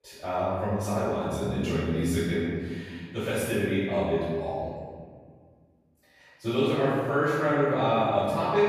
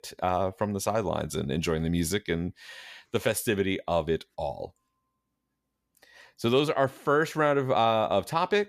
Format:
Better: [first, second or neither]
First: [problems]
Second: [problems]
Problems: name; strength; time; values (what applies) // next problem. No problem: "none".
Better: second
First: off-mic speech; far // room echo; strong; dies away in 1.9 s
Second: none